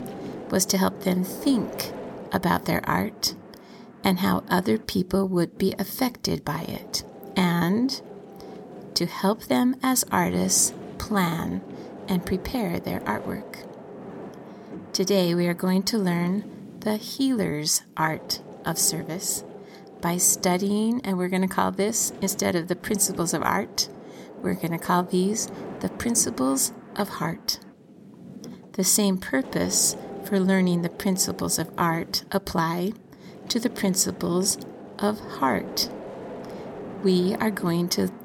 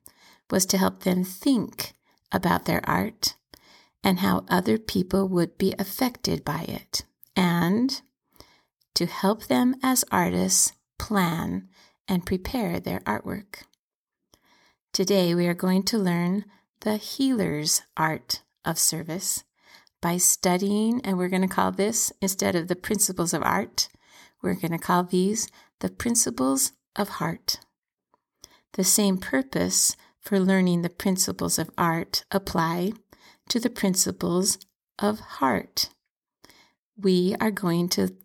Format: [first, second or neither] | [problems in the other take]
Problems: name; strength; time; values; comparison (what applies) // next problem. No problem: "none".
second | wind noise on the microphone; occasional gusts; 15 dB below the speech